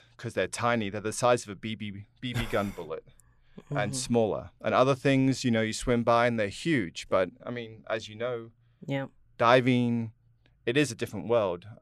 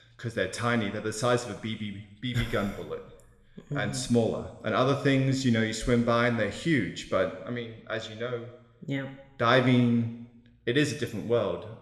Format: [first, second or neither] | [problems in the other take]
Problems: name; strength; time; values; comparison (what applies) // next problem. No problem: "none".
first | room echo; slight; dies away in 0.8 s